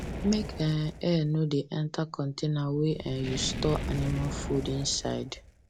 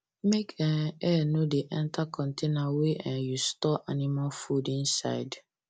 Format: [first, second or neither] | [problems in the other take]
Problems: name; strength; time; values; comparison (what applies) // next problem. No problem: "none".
second | background sound (Fire); 8 dB below the speech